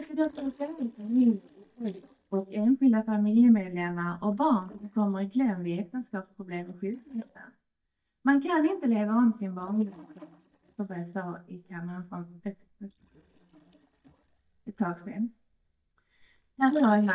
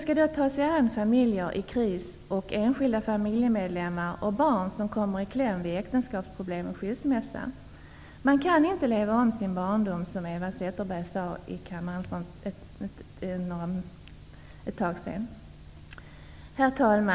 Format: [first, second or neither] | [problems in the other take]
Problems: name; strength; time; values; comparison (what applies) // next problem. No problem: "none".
second | noise reduction (neural mask model DeepFilterNet 3)